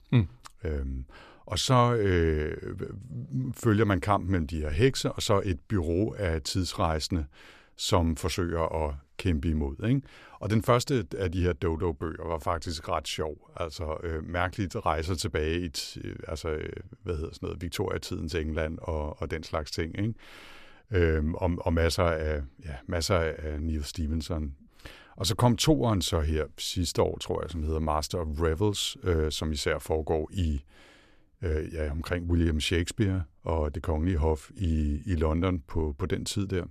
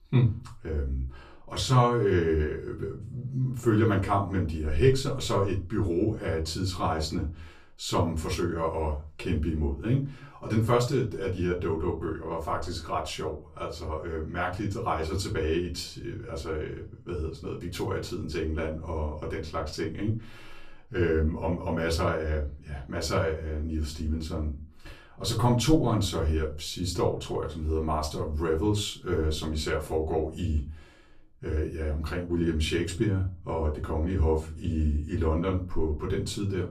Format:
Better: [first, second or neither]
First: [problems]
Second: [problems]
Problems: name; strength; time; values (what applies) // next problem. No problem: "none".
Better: first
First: none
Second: off-mic speech; far // room echo; very slight; dies away in 0.3 s